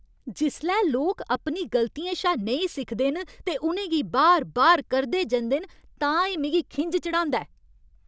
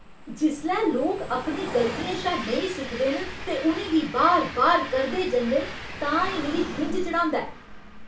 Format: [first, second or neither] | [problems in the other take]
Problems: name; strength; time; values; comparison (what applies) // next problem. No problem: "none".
first | background sound (Train); 12 dB below the speech // room echo; dies away in 0.3 s